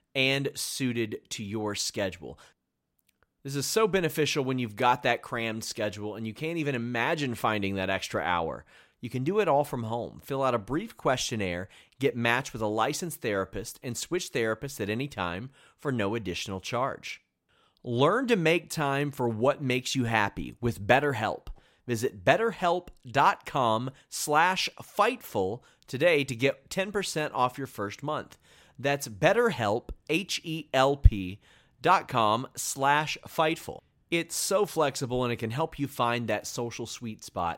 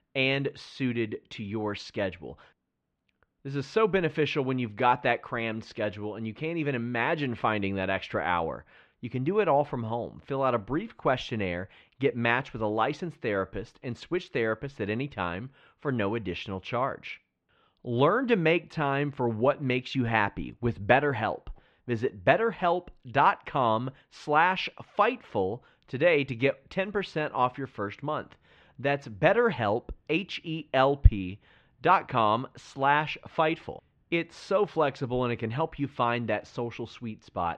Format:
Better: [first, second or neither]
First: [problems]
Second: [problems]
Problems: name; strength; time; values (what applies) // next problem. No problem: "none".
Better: first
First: none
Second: muffled; slightly; fading above 3 kHz